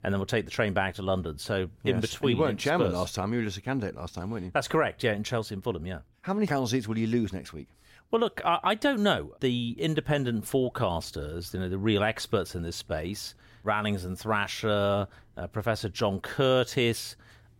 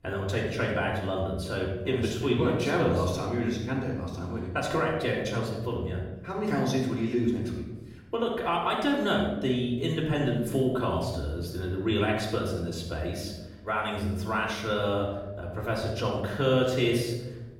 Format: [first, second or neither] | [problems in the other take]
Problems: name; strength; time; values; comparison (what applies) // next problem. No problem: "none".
first | off-mic speech; far // room echo; noticeable; dies away in 1 s